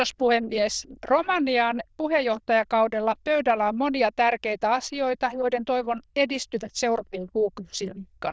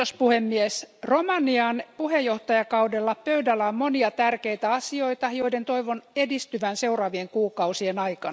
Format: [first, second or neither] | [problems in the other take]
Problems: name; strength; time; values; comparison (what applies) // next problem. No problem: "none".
second | noise reduction (neural diffusion model UNIVERSE++)